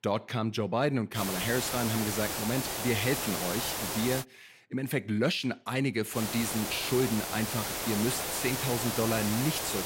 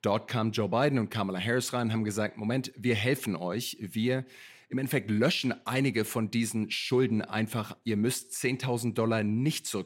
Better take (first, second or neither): second